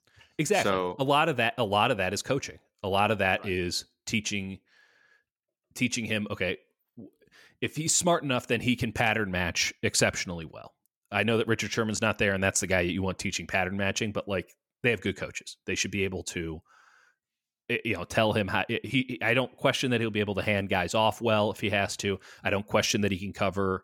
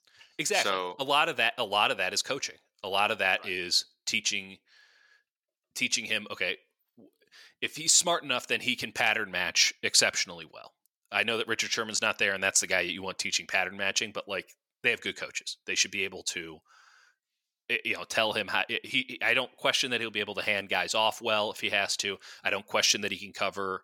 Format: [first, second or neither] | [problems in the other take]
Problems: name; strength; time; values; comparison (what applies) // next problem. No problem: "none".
first | thin; somewhat; fading below 850 Hz